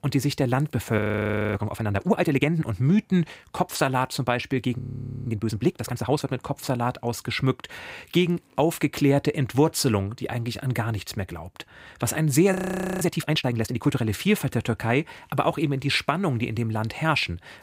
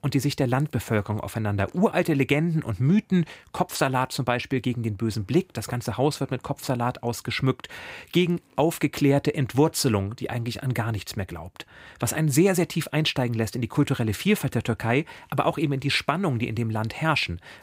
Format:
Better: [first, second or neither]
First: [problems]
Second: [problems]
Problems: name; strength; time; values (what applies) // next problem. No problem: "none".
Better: second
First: audio freezing; at 1 s for 0.5 s, at 5 s and at 13 s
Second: none